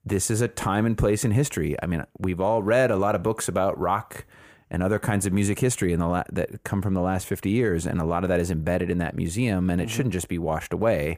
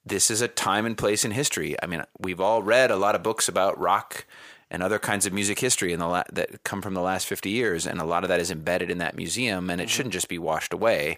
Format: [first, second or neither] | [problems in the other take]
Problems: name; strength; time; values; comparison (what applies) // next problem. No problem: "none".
first | thin; somewhat; fading below 1 kHz